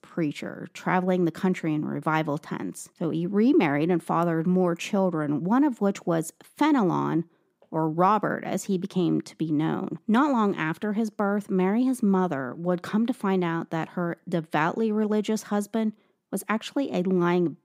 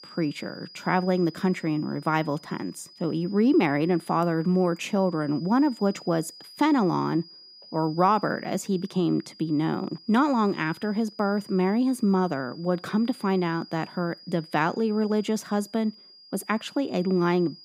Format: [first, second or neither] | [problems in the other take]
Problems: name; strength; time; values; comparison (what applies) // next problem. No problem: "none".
first | high-pitched whine; faint; throughout; 5 kHz, 20 dB below the speech